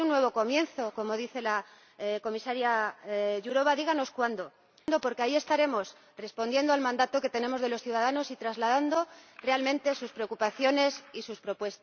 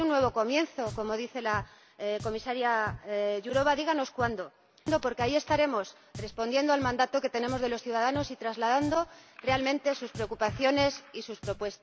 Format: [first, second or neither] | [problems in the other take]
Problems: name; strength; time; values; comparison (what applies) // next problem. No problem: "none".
first | background sound (Drum); 15 dB below the speech